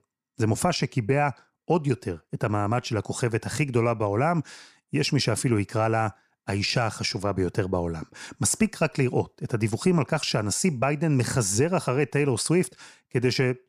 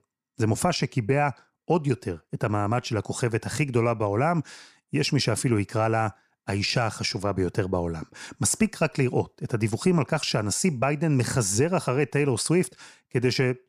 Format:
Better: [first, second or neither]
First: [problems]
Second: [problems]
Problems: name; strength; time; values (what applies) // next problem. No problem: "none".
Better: neither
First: none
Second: none